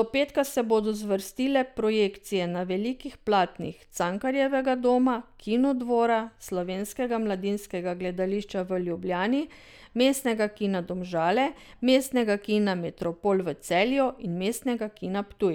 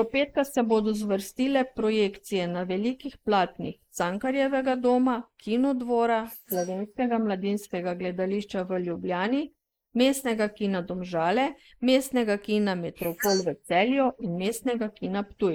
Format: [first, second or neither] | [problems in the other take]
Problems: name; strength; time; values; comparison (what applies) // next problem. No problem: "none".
first | noise reduction (neural mask model Resemble Enhance denoiser)